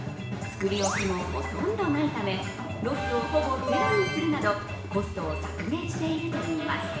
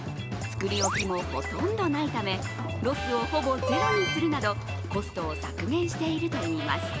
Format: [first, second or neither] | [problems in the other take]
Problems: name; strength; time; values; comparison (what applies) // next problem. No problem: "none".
second | room echo; dies away in 0.9 s